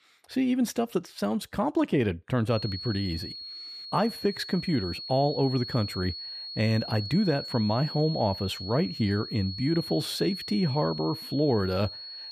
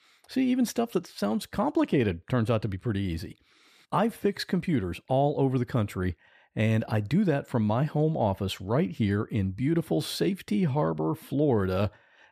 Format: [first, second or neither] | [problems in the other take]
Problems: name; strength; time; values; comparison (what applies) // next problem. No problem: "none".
second | high-pitched whine; loud; from 2.5 s on; 4.5 kHz, 8 dB below the speech